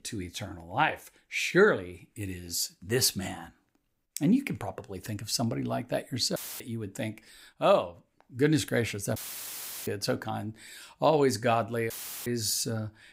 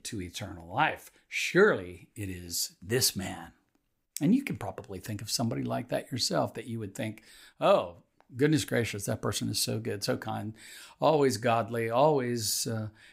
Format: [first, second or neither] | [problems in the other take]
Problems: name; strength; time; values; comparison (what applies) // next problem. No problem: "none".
second | audio cutting out; filled with static; at 6.5 s, at 9 s for 0.5 s and at 12 s